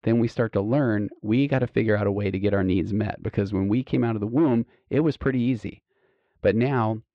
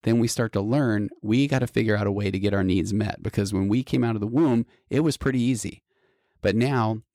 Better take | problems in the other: second | muffled; very; fading above 3 kHz

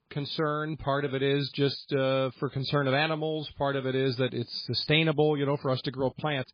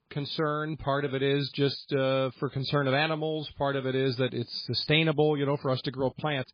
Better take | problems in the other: neither | garbled, watery; badly; the same in both

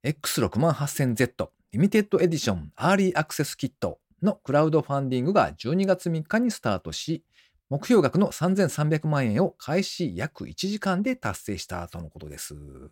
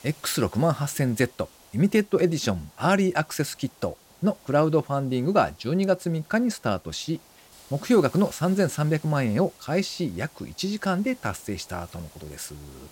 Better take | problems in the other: first | hiss; faint; throughout; 25 dB below the speech

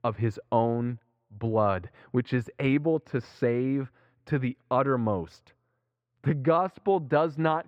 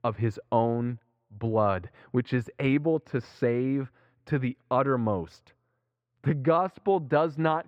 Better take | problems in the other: neither | muffled; very; fading above 1.5 kHz; the same in both

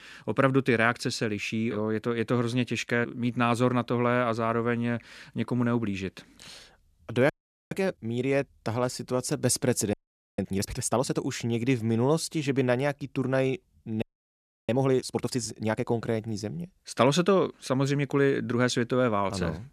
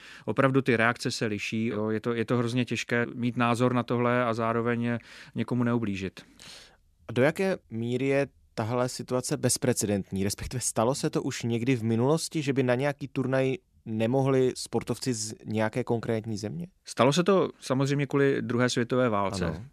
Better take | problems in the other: second | audio freezing; at 7.5 s, at 10 s and at 14 s for 0.5 s

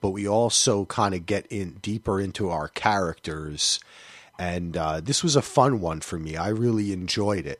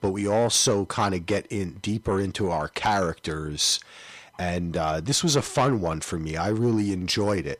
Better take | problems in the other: first | distortion; slight; 10 dB below the speech

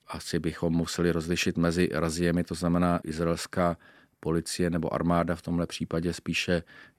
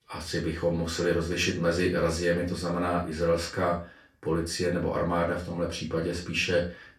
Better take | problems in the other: first | room echo; noticeable; dies away in 0.3 s // off-mic speech; far

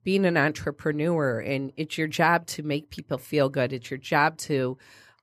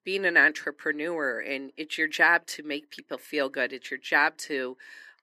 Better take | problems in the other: first | thin; somewhat; fading below 300 Hz

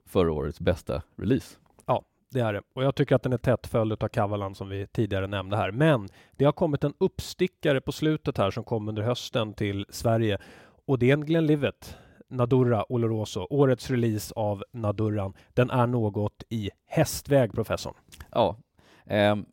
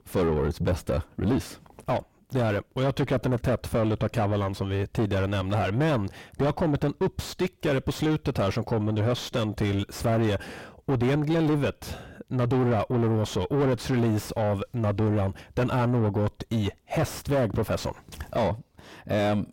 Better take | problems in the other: first | distortion; heavy; 5 dB below the speech

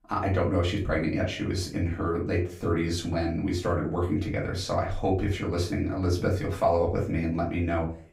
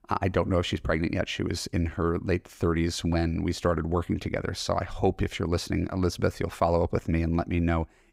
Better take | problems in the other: second | room echo; slight; dies away in 0.3 s // off-mic speech; far

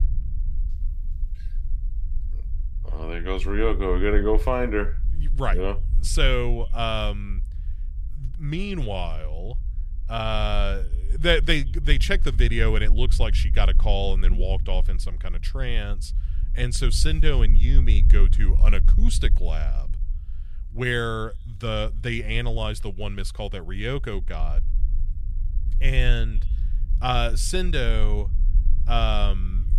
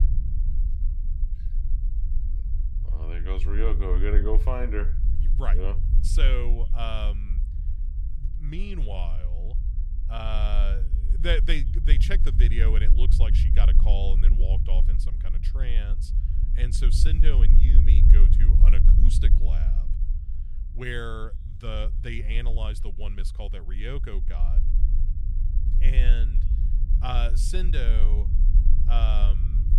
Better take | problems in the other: first | low rumble; loud; throughout; 10 dB below the speech; faint in the first

